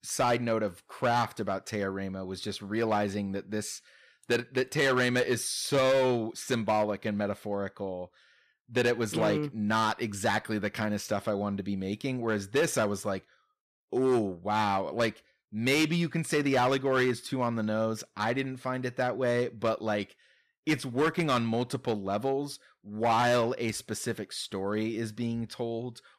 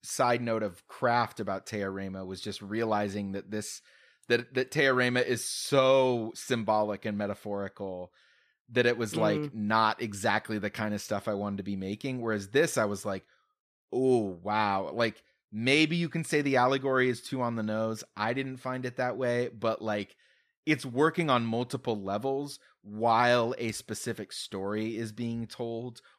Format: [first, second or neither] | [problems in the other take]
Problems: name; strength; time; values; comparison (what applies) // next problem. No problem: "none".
second | distortion; slight; 4% of the sound clipped